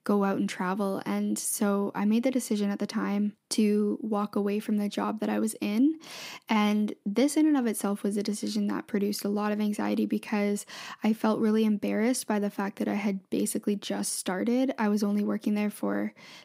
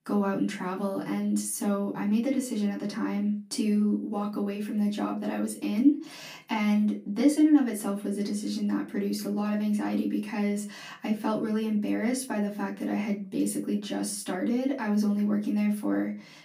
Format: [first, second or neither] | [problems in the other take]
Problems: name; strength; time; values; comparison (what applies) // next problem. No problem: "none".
first | off-mic speech; far // room echo; very slight; dies away in 0.3 s